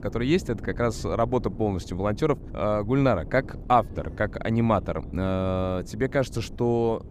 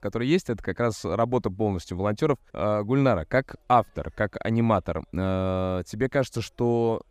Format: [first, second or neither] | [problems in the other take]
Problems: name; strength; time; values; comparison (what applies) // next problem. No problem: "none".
second | wind noise on the microphone; occasional gusts; 20 dB below the speech